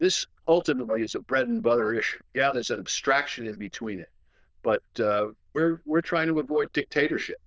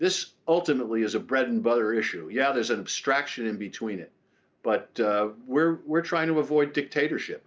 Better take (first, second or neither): second